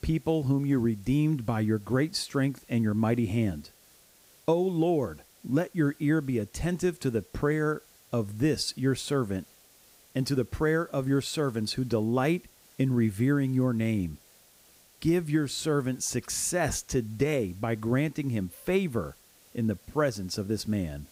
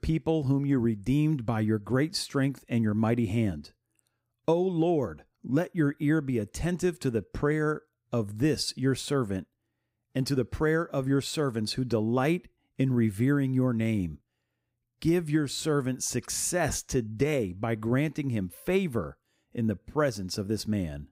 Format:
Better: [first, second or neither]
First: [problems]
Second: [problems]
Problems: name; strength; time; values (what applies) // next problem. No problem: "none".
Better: second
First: hiss; faint; throughout; 25 dB below the speech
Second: none